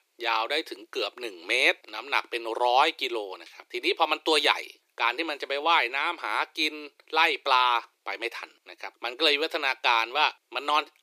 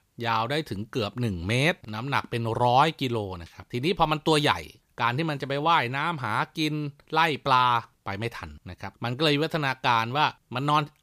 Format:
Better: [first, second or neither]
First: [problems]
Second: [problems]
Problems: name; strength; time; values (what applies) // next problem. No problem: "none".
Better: second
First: thin; very; fading below 350 Hz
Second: none